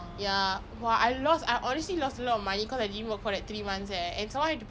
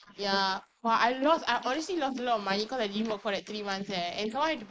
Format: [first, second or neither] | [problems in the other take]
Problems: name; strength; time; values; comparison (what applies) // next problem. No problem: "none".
first | noise reduction (neural mask model Resemble Enhance denoiser)